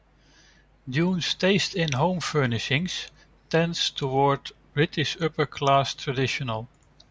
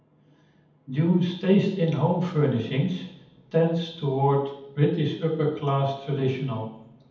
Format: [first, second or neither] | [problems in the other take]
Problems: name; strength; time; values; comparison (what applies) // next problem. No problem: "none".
first | room echo; dies away in 0.8 s